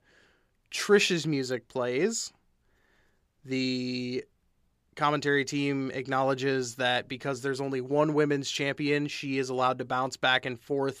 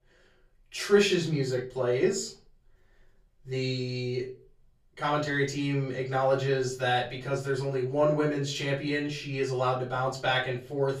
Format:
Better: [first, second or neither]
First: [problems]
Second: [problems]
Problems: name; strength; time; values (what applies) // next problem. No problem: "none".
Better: first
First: none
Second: room echo; slight; dies away in 0.3 s // off-mic speech; far